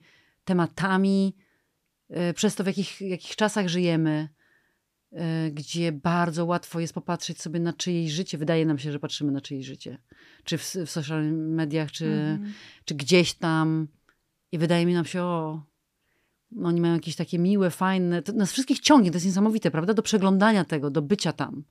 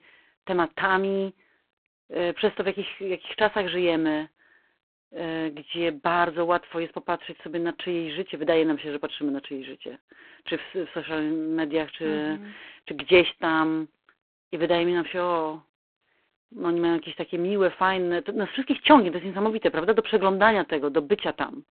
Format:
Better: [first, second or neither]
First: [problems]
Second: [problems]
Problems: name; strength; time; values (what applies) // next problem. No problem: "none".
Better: first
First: none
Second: phone-call audio; poor line